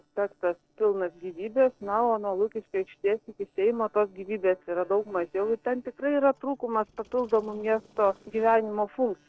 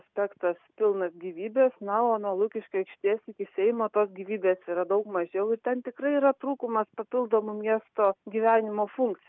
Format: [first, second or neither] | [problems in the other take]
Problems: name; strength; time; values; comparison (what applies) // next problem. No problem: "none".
second | noise reduction (neural separator model SepFormer DNS4)